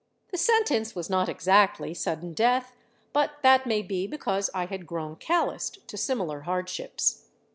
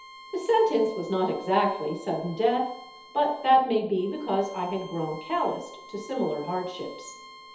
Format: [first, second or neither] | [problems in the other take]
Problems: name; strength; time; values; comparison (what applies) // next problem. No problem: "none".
first | background sound (Bowed string instrument); 20 dB below the speech // room echo; dies away in 0.8 s